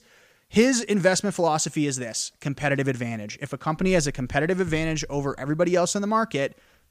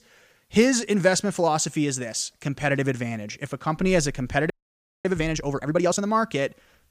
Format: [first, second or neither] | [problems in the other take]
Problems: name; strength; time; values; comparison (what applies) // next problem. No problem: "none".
first | audio freezing; at 4.5 s for 0.5 s